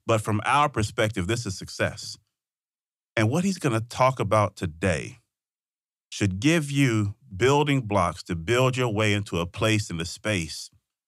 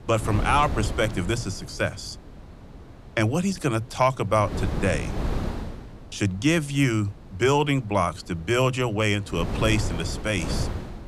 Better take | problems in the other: first | wind noise on the microphone; occasional gusts; 10 dB below the speech

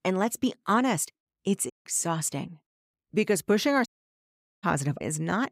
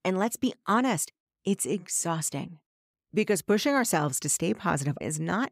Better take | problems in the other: second | audio cutting out; at 1.5 s and at 4 s for 1 s

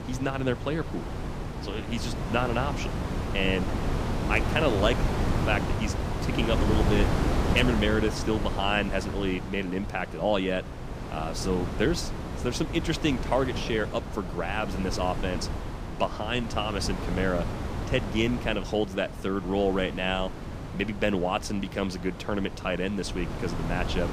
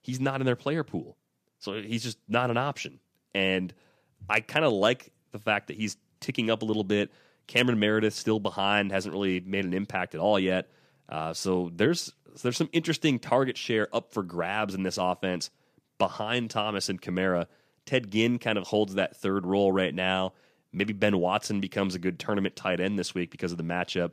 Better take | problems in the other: second | wind noise on the microphone; heavy; 7 dB below the speech

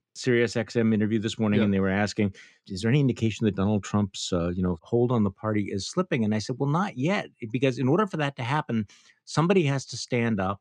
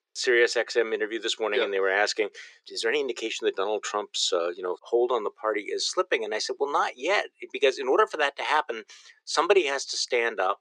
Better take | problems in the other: first | thin; very; fading below 400 Hz

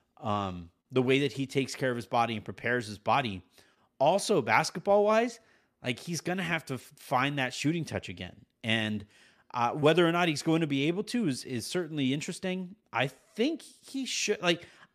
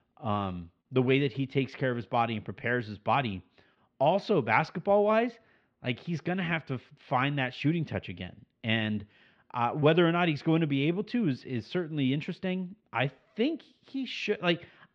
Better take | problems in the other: first | muffled; slightly; fading above 3.5 kHz

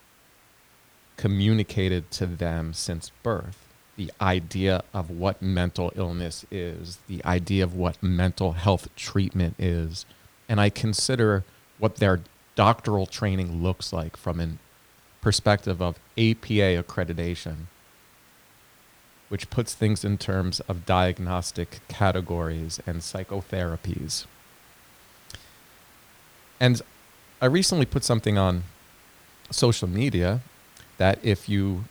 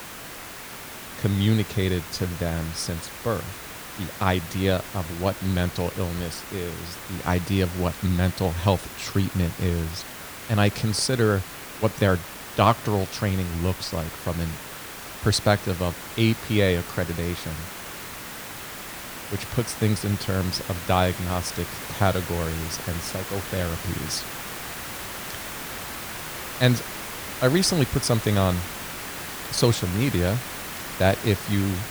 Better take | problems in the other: first | hiss; loud; throughout; 9 dB below the speech; faint in the first

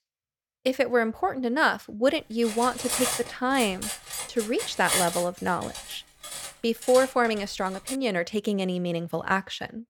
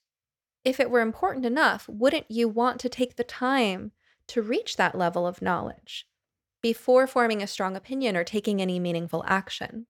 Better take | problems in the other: second | clattering dishes; loud; from 2.5 to 8 s; peak 2 dB above the speech

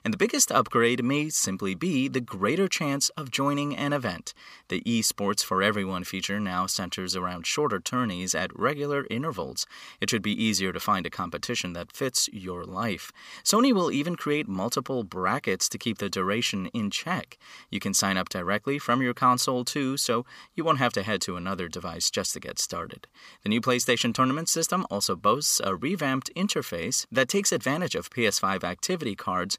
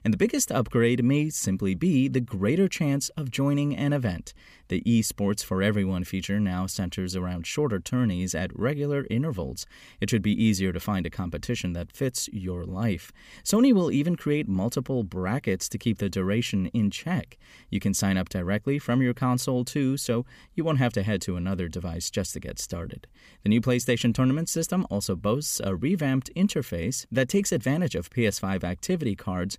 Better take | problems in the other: second | thin; somewhat; fading below 800 Hz

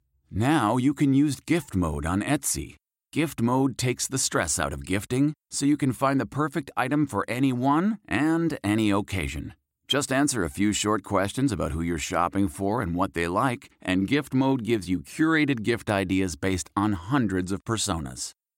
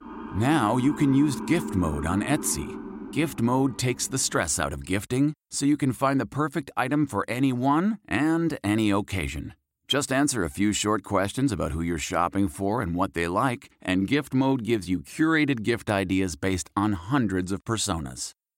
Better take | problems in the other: first | siren; noticeable; until 4.5 s; peak 7 dB below the speech

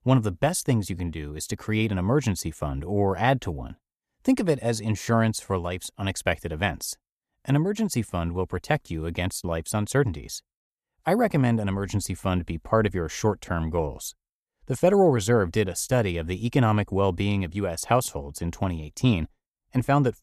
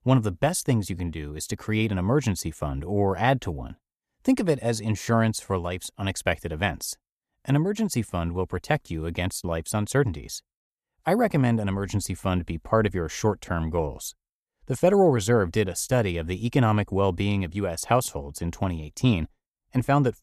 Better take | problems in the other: neither | none

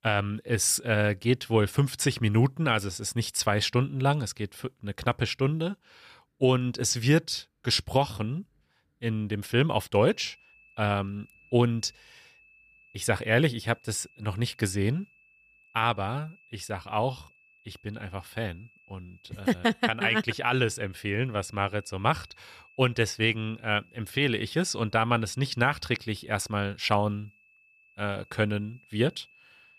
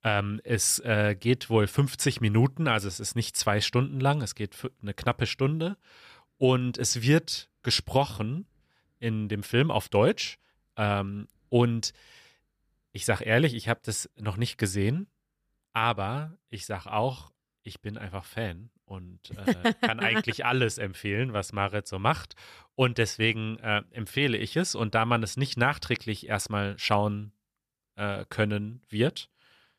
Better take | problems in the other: second | high-pitched whine; faint; from 10 s on; 2.5 kHz, 30 dB below the speech

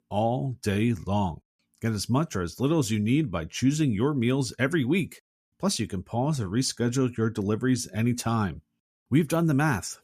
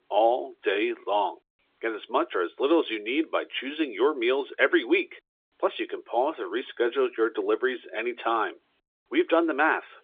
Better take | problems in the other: first | phone-call audio; nothing above 3.5 kHz

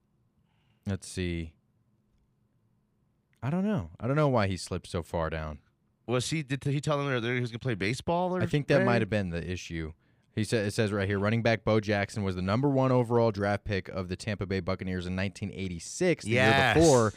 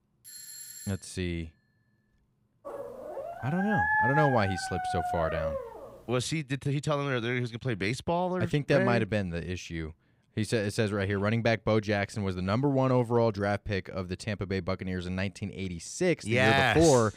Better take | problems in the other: first | doorbell; faint; at the start; peak 10 dB below the speech // dog barking; loud; from 2.5 to 6 s; peak 4 dB above the speech

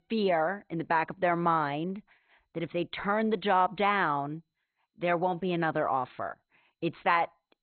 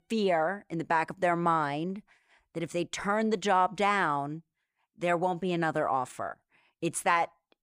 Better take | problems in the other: second | garbled, watery; badly; nothing above 4 kHz

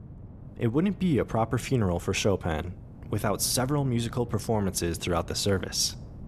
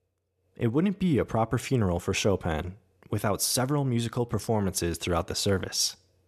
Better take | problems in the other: second | wind noise on the microphone; occasional gusts; 25 dB below the speech

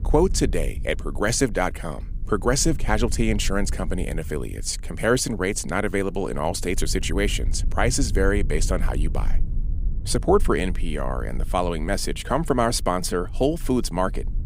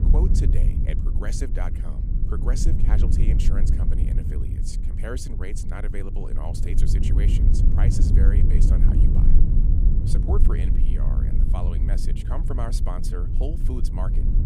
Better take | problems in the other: first | low rumble; loud; throughout; 1 dB below the speech; faint in the first

